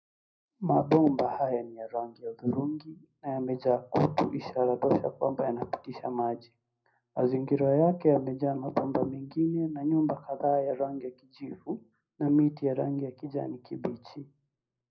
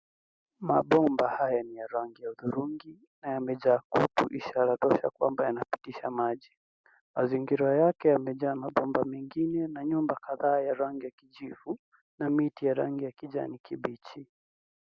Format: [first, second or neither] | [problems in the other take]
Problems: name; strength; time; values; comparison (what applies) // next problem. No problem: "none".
second | room echo; dies away in 0.4 s